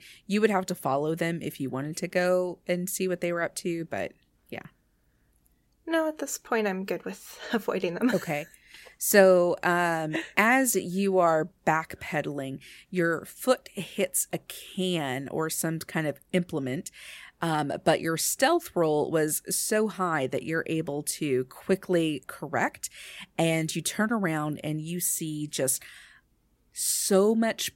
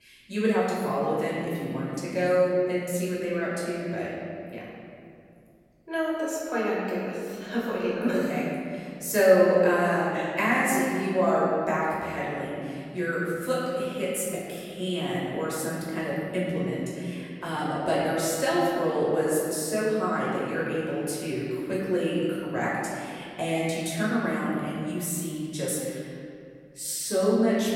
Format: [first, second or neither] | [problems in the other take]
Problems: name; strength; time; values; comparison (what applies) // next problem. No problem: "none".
first | off-mic speech; far // room echo; strong; dies away in 2.3 s